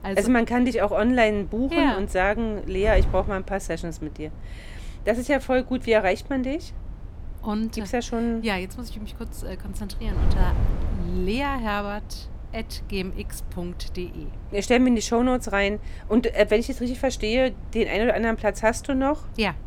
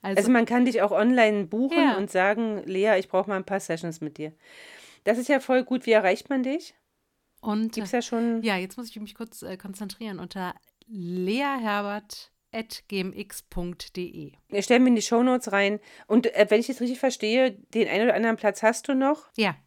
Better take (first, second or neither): second